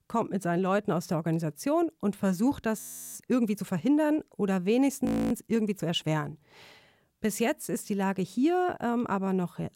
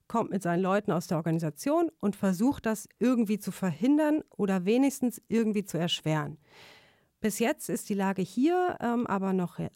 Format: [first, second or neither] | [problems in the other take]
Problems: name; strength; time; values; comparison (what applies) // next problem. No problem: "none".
second | audio freezing; at 3 s and at 5 s